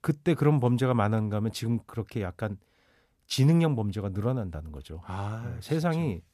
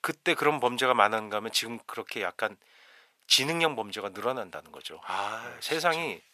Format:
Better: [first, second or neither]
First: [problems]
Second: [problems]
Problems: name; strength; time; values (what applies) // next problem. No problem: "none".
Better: first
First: none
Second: thin; very; fading below 700 Hz